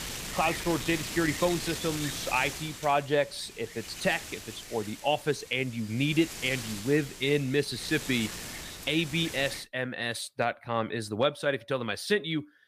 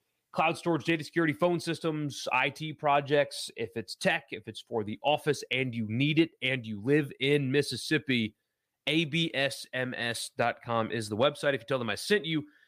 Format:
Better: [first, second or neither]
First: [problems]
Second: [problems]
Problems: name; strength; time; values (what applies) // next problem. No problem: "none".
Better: second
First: wind noise on the microphone; heavy; until 9.5 s; 9 dB below the speech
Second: none